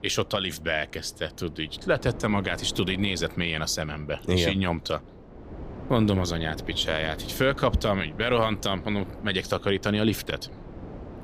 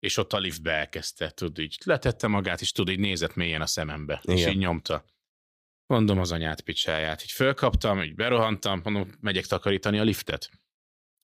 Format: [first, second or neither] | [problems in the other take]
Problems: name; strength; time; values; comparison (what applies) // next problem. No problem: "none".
second | wind noise on the microphone; occasional gusts; 20 dB below the speech